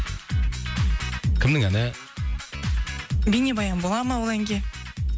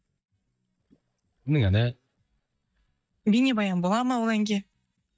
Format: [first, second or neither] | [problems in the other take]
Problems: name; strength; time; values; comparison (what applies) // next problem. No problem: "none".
first | noise reduction (neural mask model DeepFilterNet 3)